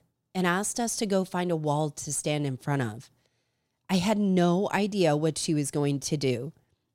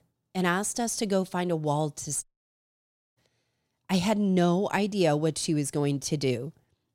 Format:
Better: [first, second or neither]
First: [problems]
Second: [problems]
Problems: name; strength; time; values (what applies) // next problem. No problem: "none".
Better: first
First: none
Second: audio cutting out; at 2 s for 1 s